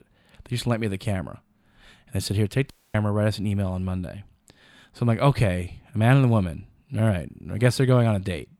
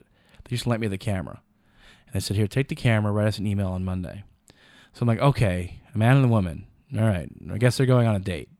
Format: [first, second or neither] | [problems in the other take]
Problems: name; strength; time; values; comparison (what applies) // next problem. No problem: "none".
second | audio cutting out; at 2.5 s